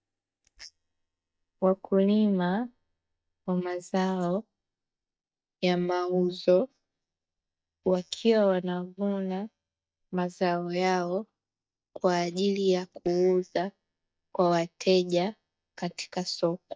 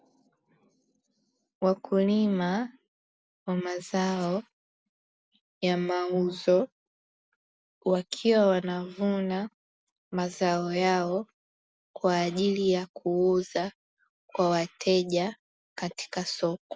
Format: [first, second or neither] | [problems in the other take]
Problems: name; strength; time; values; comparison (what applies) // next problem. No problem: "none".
second | noise reduction (neural mask model DeepFilterNet 3)